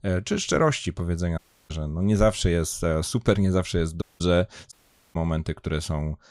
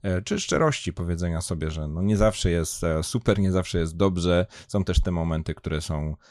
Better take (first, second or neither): second